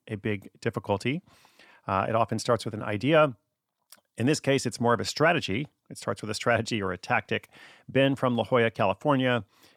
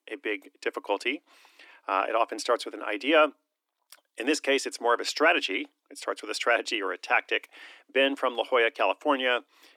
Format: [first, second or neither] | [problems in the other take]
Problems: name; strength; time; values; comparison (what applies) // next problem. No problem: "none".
first | thin; somewhat; fading below 300 Hz